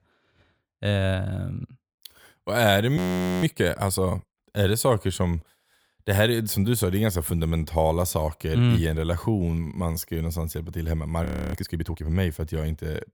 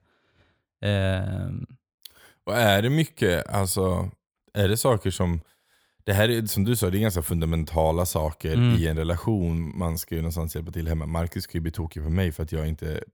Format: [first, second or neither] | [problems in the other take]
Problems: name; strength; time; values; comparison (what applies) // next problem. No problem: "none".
second | audio freezing; at 3 s and at 11 s